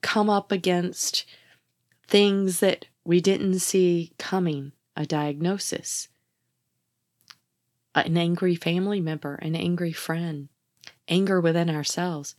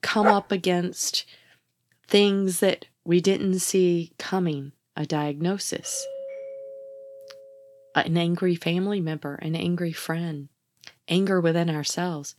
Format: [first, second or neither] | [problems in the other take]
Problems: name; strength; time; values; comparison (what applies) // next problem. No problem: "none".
first | dog barking; loud; at the start; peak 1 dB above the speech // doorbell; faint; from 6 to 8 s; peak 10 dB below the speech